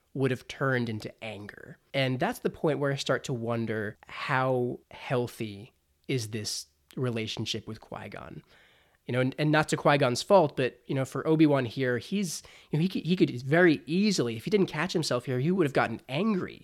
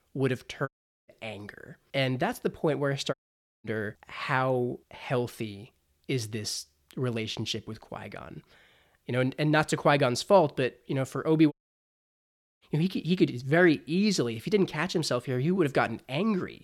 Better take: first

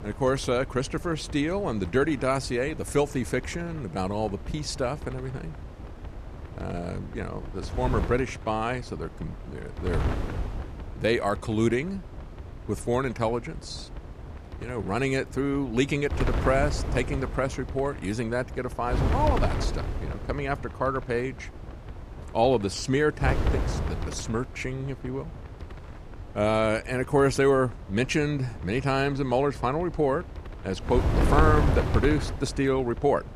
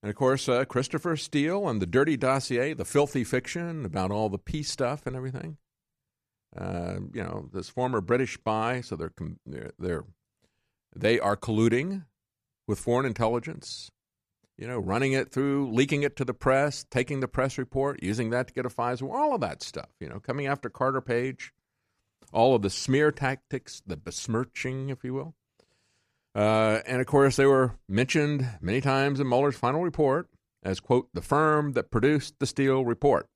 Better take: second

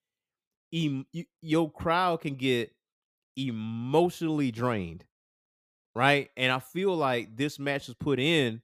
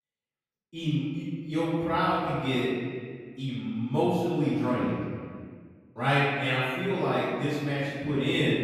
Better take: first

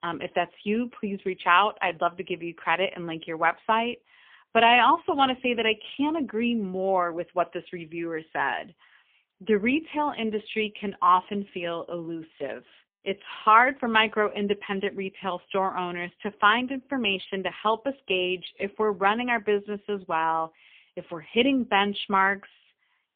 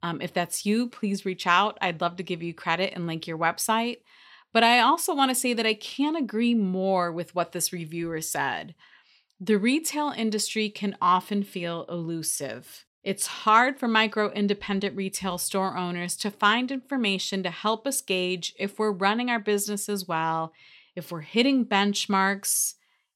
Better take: second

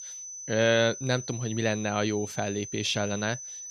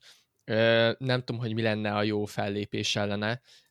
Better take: second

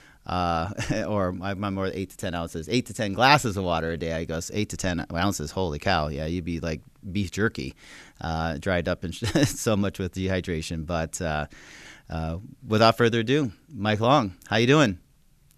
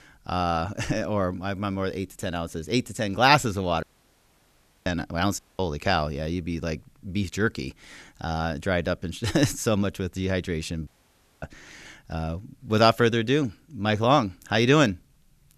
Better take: first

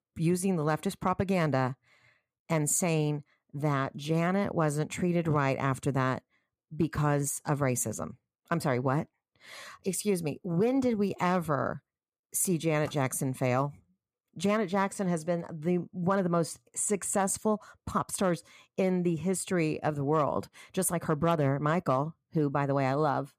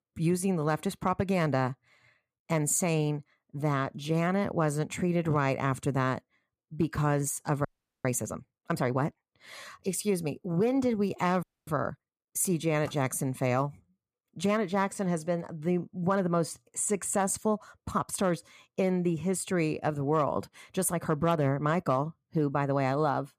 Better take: first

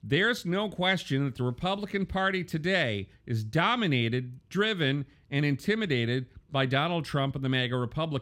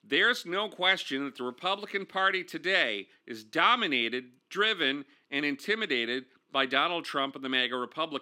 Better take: first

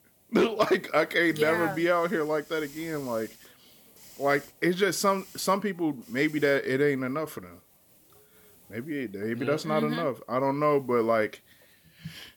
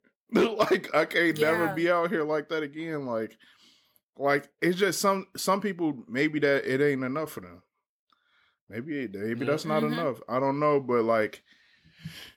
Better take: second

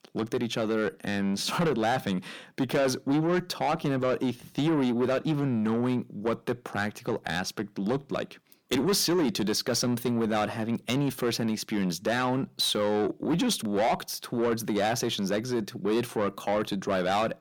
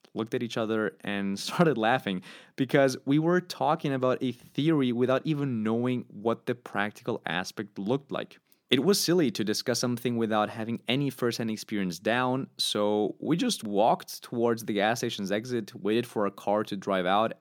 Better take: second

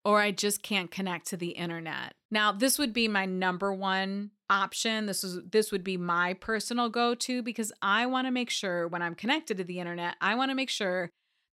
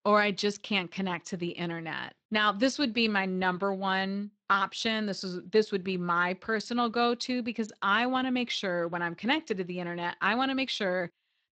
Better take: first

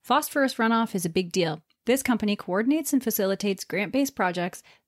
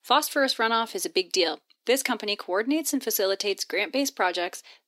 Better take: first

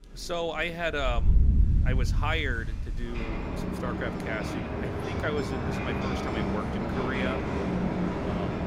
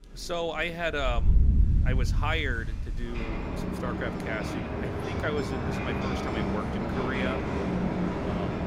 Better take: neither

